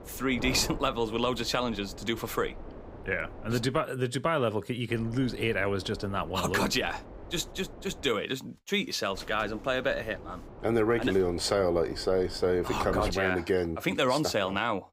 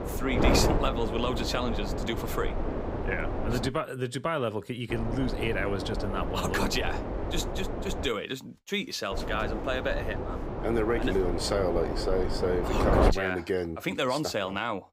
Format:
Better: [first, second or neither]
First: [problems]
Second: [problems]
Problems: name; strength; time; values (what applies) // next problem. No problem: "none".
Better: first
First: wind noise on the microphone; occasional gusts; until 3.5 s, from 5 to 8 s and from 9 to 13 s; 15 dB below the speech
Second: wind noise on the microphone; heavy; until 3.5 s, from 5 to 8 s and from 9 to 13 s; 3 dB below the speech